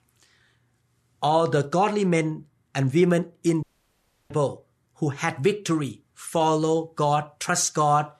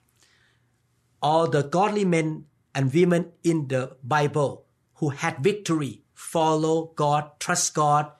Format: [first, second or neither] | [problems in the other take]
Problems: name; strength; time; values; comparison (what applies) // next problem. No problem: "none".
second | audio cutting out; at 3.5 s for 0.5 s